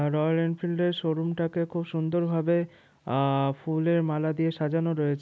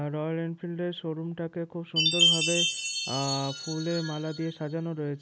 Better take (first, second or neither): first